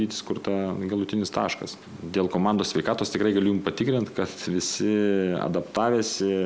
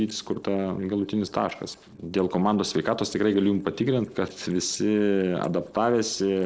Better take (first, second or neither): first